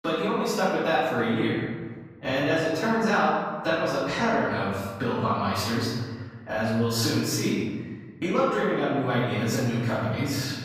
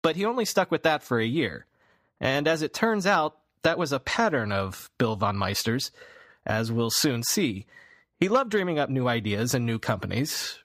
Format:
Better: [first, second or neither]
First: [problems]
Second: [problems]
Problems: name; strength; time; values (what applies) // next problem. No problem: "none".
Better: second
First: off-mic speech; far // room echo; strong; dies away in 1.5 s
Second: none